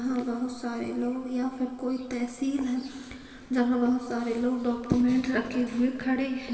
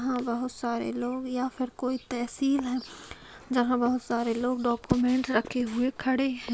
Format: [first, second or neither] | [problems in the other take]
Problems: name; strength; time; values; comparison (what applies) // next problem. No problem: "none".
second | room echo; dies away in 2.4 s